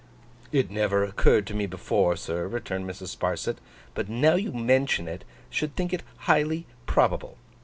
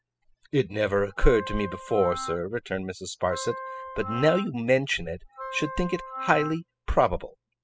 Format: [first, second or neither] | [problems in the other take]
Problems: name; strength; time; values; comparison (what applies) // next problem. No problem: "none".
first | noise reduction (classical method spectral subtraction)